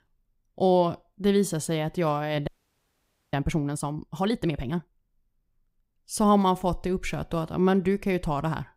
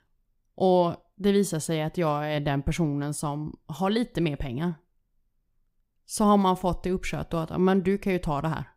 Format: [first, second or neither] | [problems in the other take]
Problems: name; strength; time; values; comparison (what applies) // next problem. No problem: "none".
second | audio freezing; at 2.5 s for 1 s